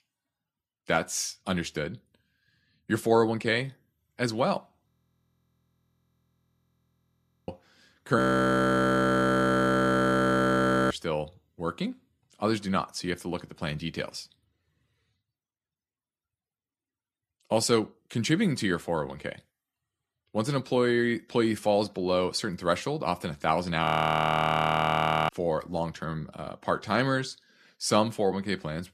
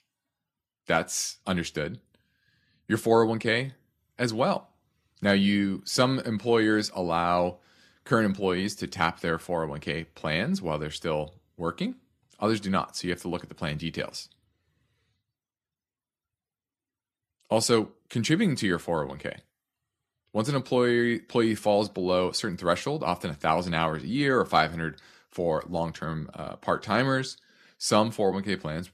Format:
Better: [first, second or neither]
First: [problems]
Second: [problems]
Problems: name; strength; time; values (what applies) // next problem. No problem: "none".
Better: second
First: audio freezing; at 5 s for 2.5 s, at 8 s for 2.5 s and at 24 s for 1.5 s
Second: none